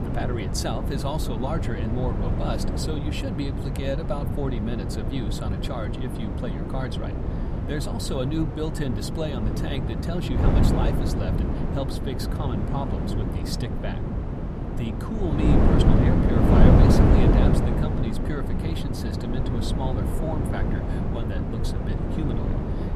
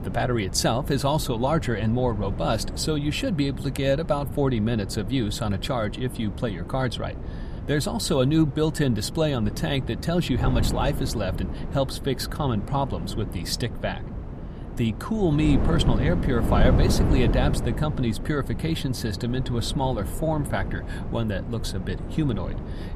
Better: second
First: wind noise on the microphone; heavy; 2 dB above the speech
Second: wind noise on the microphone; occasional gusts; 10 dB below the speech

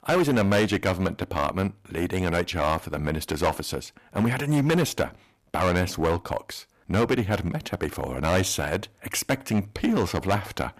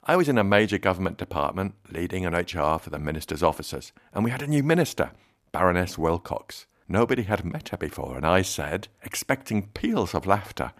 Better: second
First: distortion; heavy; 7% of the sound clipped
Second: none

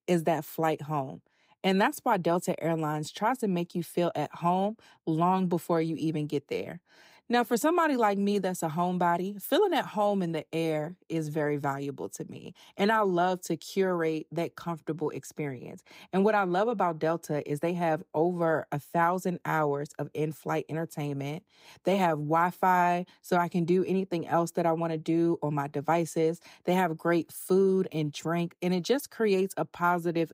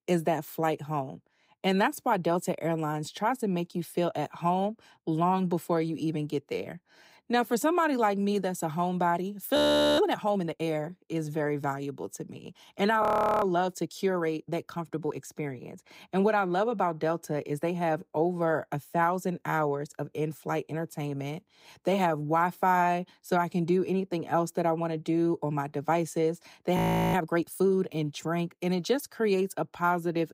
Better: first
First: none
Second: audio freezing; at 9.5 s, at 13 s and at 27 s

